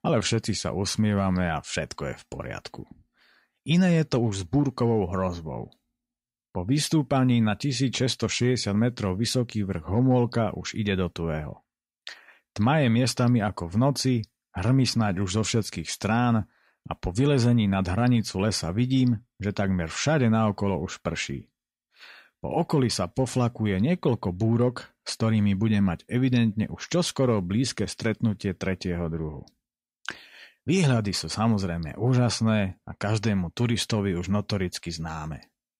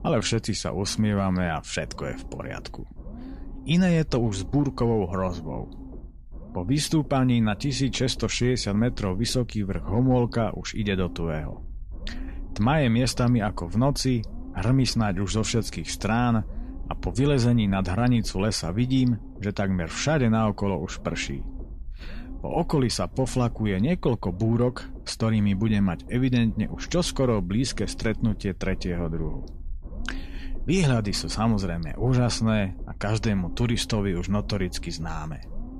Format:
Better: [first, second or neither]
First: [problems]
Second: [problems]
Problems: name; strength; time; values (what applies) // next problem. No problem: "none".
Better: first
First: none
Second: low rumble; faint; throughout; 20 dB below the speech